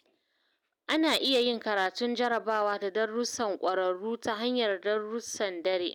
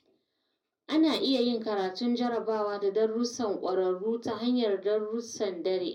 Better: first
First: none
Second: room echo; dies away in 0.4 s

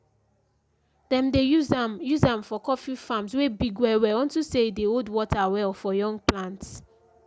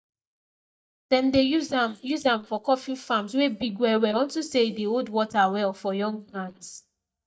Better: first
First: none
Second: noise reduction (neural mask model DeepFilterNet 3)

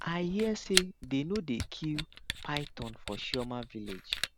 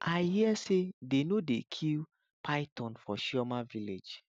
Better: second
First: background sound (Camera); 3 dB below the speech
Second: none

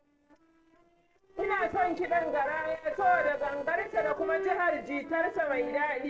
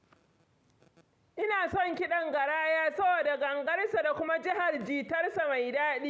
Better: second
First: noise reduction (neural separator model SepFormer DNS4)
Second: none

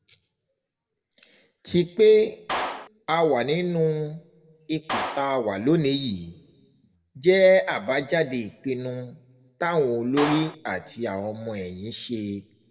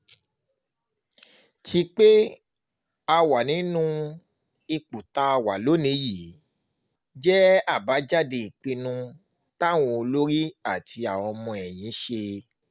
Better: second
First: background sound (Clapping); 11 dB below the speech // room echo; dies away in 1 s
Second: none

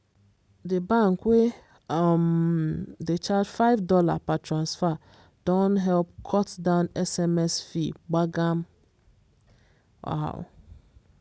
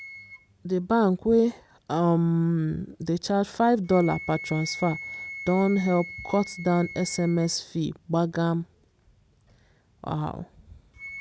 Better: first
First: none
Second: background sound (Wind instrument, woodwind instrument); 17 dB below the speech

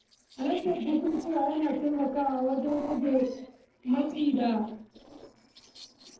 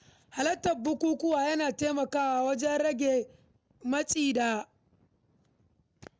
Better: second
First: noise reduction (neural separator model SepFormer DNS4)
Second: none

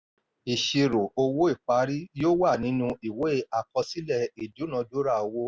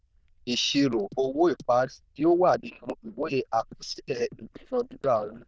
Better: first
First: none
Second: noise reduction (neural diffusion model UNIVERSE++)

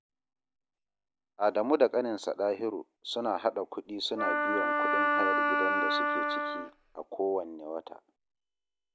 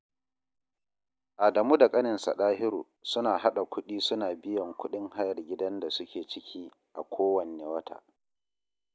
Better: second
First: background sound (Wind instrument, woodwind instrument); 4 dB above the speech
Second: none

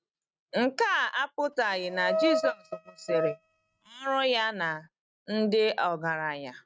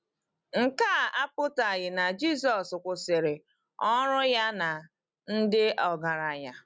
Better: second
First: noise reduction (neural mask model RNNoise)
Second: none

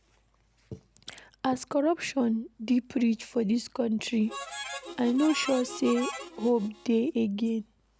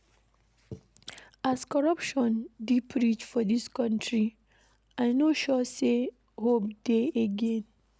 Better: second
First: background sound (Harmonica); 10 dB below the speech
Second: none

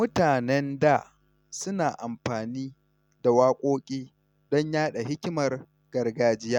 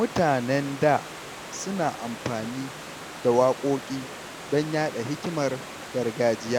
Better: first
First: none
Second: background sound (Stream / Liquid); 12 dB below the speech

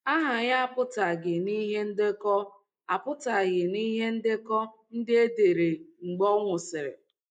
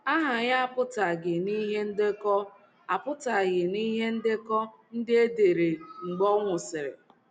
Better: second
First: noise reduction (neural mask model Resemble Enhance denoiser)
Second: none

